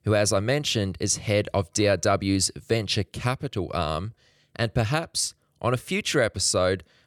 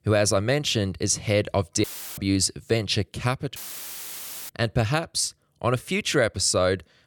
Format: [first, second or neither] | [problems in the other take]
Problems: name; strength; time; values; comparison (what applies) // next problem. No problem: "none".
first | audio cutting out; filled with static; at 2 s and at 3.5 s for 1 s